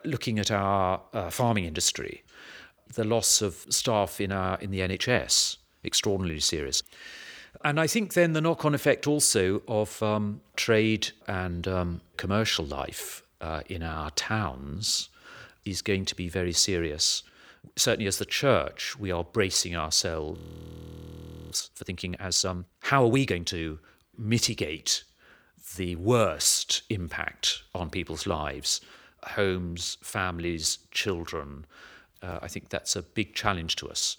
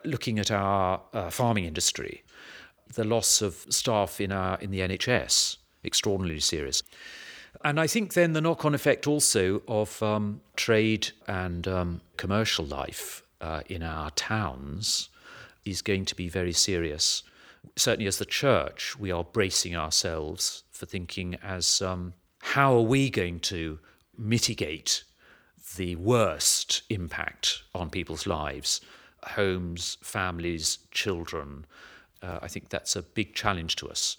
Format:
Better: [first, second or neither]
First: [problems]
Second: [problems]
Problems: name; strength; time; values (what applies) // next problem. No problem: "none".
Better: second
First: audio freezing; at 20 s for 1 s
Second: none